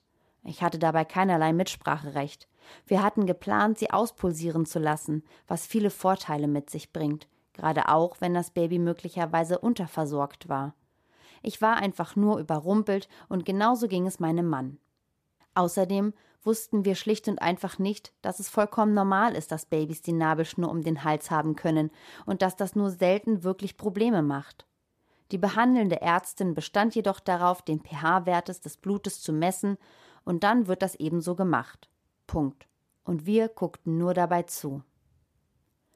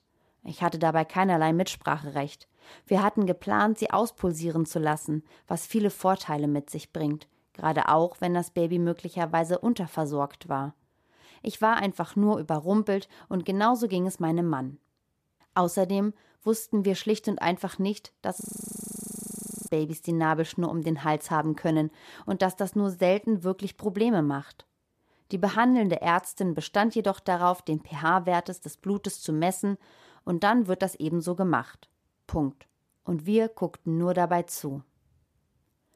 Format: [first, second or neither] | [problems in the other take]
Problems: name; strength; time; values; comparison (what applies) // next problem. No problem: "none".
first | audio freezing; at 18 s for 1.5 s